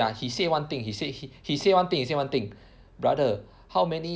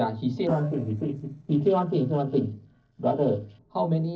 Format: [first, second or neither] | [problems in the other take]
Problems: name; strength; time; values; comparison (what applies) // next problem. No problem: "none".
first | noise reduction (neural separator model SepFormer DNS4)